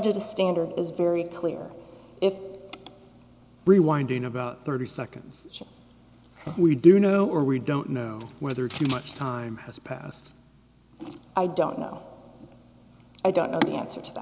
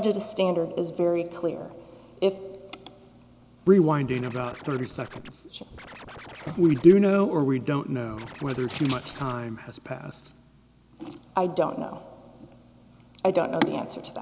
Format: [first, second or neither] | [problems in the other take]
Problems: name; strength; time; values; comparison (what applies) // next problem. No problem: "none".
first | background sound (Scratching (performance technique)); 17 dB below the speech